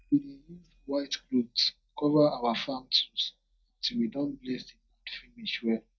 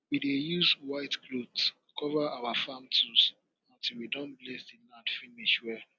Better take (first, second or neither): second